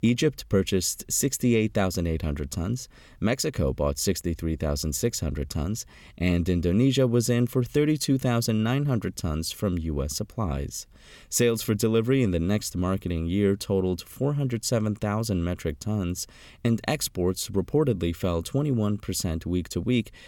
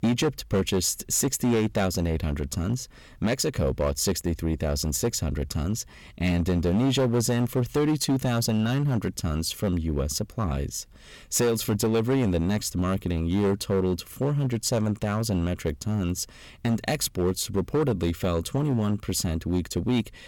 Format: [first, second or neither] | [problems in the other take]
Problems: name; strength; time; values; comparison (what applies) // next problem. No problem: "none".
first | distortion; slight; 8% of the sound clipped